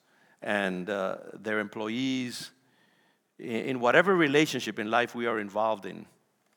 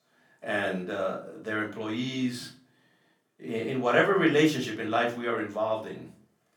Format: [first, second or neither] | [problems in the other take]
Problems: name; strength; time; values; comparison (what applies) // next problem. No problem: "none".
first | off-mic speech; far // room echo; slight; dies away in 0.3 s